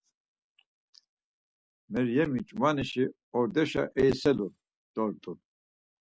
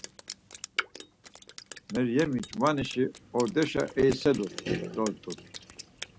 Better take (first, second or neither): first